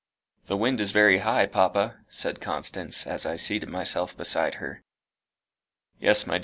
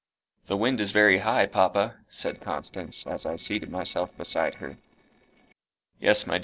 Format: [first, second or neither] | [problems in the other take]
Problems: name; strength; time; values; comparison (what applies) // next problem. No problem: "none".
first | noise reduction (neural separator model SepFormer DNS4)